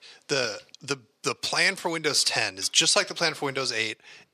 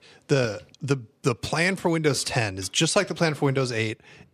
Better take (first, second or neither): second